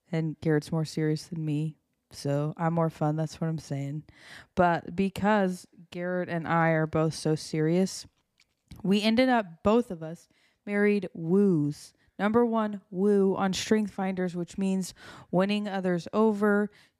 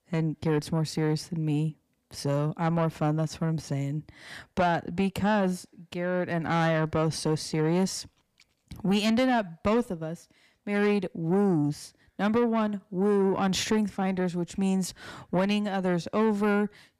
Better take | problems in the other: first | distortion; slight; 10 dB below the speech

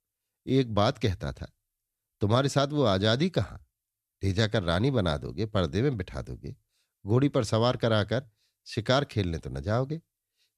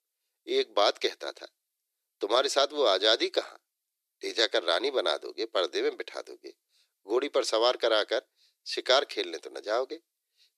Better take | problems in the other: first | thin; very; fading below 350 Hz

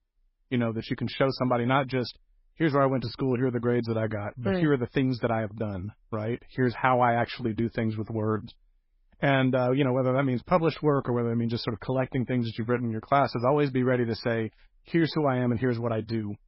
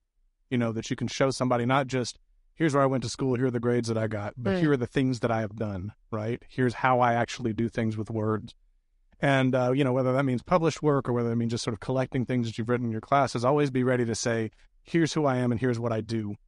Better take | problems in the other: second | garbled, watery; badly; nothing above 5.5 kHz; slightly in the second

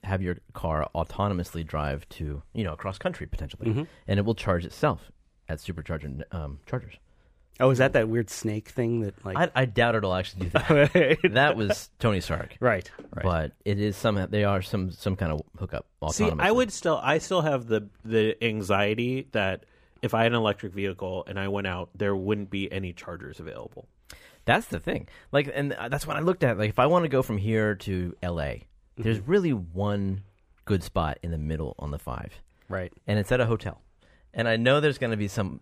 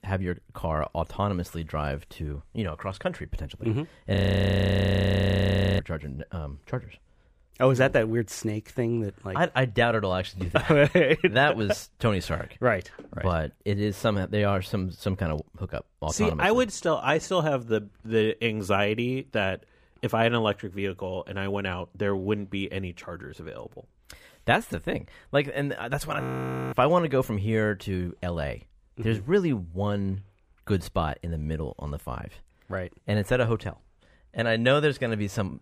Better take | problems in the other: first | audio freezing; at 4 s for 1.5 s and at 26 s for 0.5 s

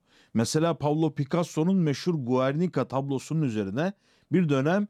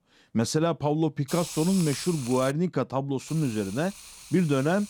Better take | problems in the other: first | hiss; noticeable; from 1.5 to 2.5 s and from 3.5 s on; 10 dB below the speech

